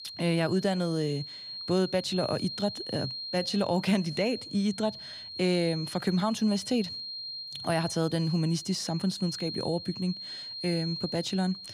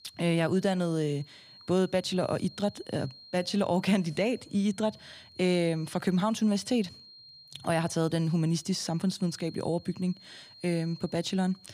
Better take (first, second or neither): second